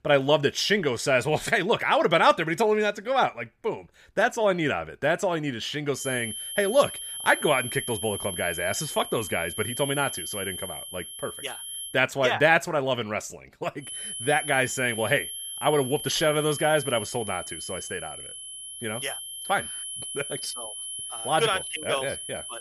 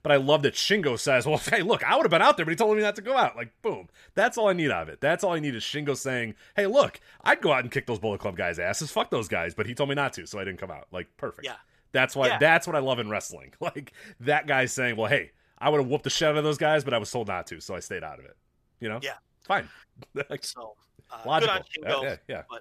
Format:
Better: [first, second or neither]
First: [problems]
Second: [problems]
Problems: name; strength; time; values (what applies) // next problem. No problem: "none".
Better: second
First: high-pitched whine; loud; from 6 to 12 s and from 14 s on; 11 kHz, 8 dB below the speech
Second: none